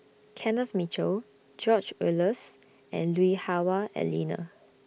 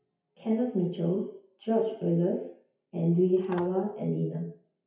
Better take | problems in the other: first | noise reduction (classical method WPE with log-MMSE)

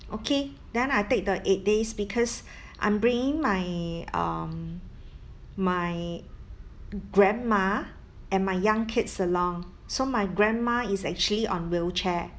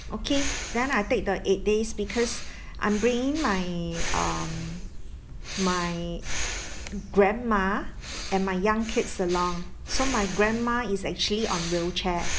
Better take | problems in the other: first | background sound (Breathing); 6 dB below the speech

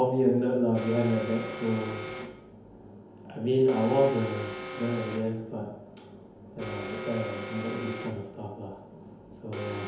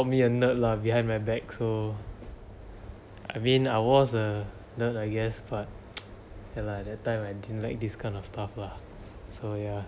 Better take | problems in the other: second | background sound (Alarm); 11 dB below the speech // room echo; dies away in 0.9 s

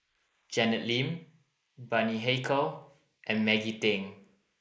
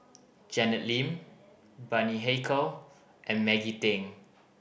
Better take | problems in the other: second | noise reduction (neural mask model Resemble Enhance denoiser)

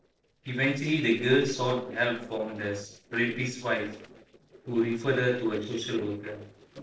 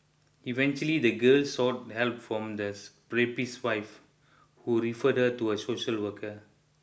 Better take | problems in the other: second | noise reduction (neural separator model SepFormer DNS4)

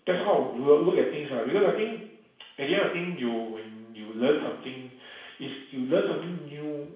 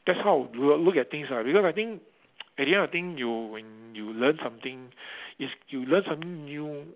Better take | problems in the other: second | room echo; dies away in 0.7 s

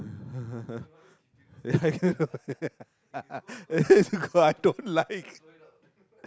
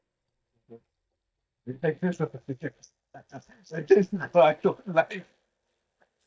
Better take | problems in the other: first | noise reduction (neural mask model DeepFilterNet 3)

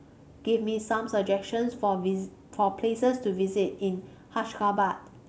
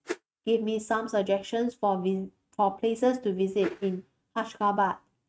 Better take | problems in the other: first | noise reduction (neural mask model RNNoise)

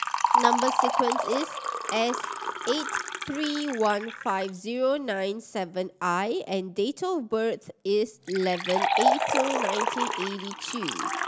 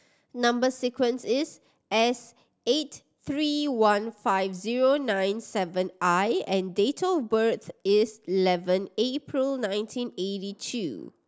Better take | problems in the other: second | background sound (Liquid); as loud as the speech

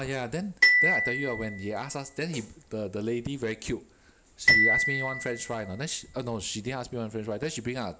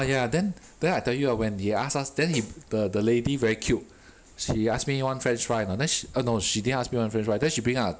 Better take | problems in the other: second | background sound (Glockenspiel); 4 dB above the speech

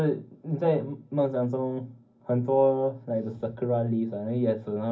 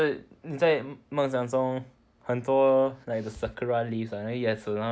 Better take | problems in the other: second | room echo; dies away in 0.4 s

